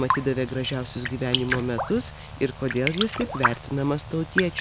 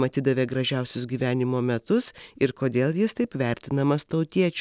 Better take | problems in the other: second | background sound (Raindrop); 3 dB below the speech

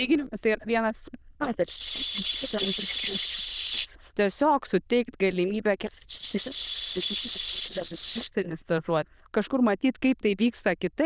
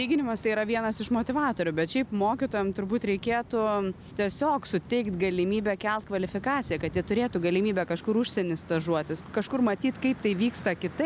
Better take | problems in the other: second | noise reduction (neural diffusion model UNIVERSE++)

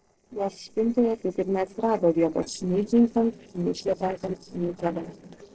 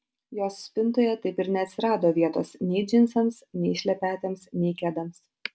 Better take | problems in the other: second | noise reduction (neural separator model SepFormer DNS4)

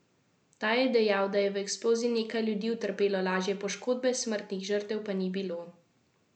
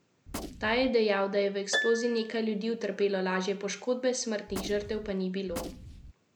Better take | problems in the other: first | background sound (Gunshot, gunfire + Harp); 10 dB below the speech

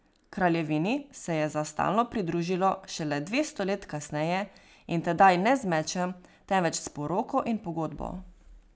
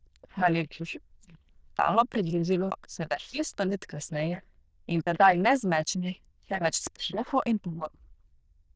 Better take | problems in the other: first | noise reduction (neural diffusion model UNIVERSE++)

